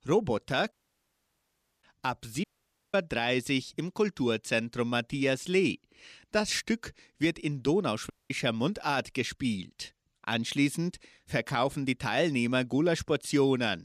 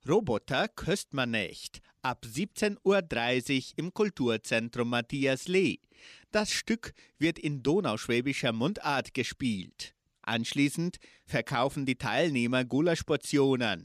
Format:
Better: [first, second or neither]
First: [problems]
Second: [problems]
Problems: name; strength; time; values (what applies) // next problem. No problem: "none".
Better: second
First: audio cutting out; at 0.5 s for 1 s, at 2.5 s and at 8 s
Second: none